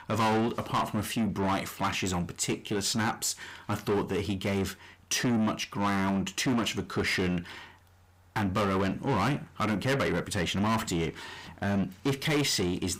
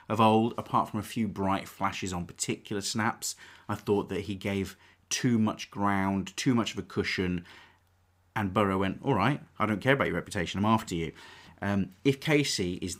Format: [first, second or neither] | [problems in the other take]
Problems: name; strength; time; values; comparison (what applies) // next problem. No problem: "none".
second | distortion; heavy; 6 dB below the speech